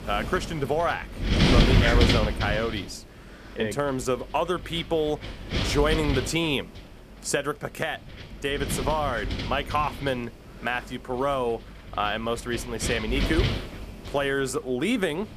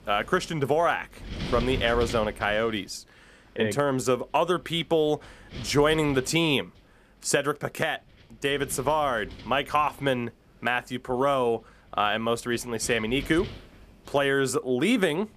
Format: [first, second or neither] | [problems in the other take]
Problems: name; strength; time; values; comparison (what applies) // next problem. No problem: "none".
second | wind noise on the microphone; heavy; 3 dB below the speech; occasional gusts in the second